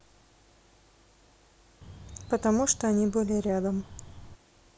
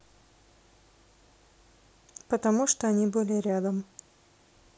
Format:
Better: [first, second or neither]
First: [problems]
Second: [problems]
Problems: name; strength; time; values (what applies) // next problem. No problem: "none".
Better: second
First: background sound (Bird); 15 dB below the speech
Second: none